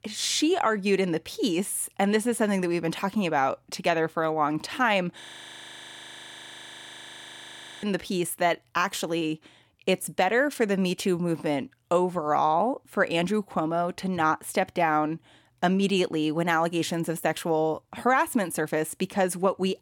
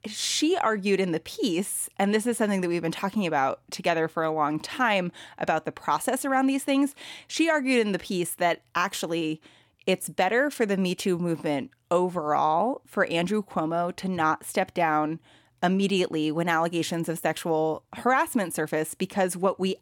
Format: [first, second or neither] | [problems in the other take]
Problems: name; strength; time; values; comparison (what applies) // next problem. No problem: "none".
second | audio freezing; at 5 s for 2.5 s